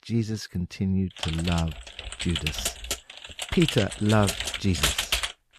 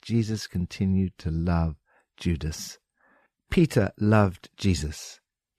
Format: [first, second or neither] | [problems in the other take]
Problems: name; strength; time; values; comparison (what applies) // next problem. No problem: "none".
second | keyboard typing; loud; from 1 s on; peak 4 dB above the speech